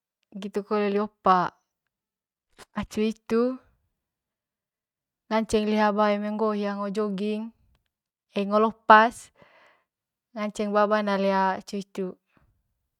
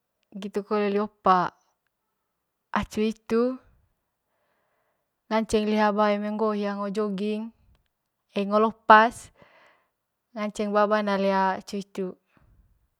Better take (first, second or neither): second